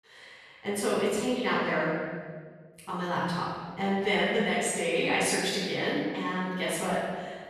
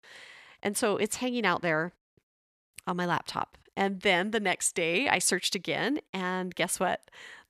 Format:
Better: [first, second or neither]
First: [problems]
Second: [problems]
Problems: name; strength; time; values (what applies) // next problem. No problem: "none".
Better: second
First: off-mic speech; far // room echo; strong; dies away in 1.6 s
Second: none